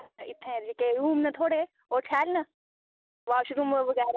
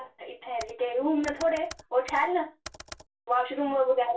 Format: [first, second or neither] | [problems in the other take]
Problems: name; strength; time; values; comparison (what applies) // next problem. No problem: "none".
first | background sound (Computer keyboard); 19 dB below the speech // room echo; dies away in 0.3 s